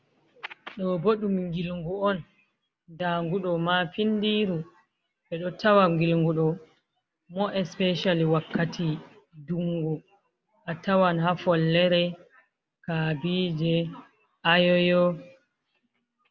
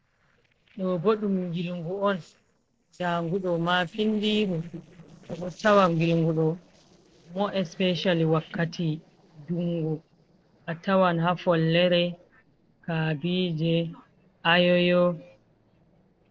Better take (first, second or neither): first